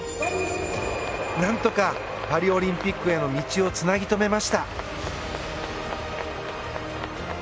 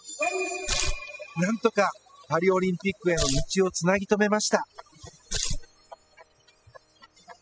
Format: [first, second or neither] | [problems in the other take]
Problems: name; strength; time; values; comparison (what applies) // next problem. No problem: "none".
first | noise reduction (classical method spectral subtraction)